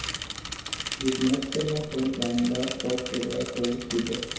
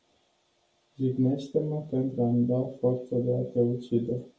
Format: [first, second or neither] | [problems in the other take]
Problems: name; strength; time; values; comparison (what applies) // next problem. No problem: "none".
second | background sound (Mechanisms / Bicycle); 6 dB below the speech // room echo; dies away in 0.7 s